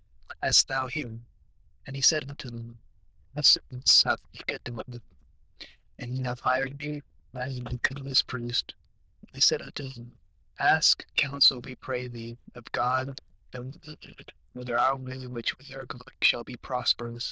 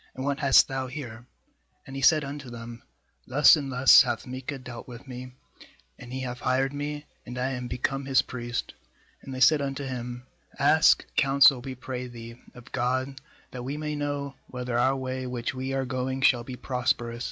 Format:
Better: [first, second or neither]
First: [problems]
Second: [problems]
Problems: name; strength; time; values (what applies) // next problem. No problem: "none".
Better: second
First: noise reduction (neural diffusion model UNIVERSE++)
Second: none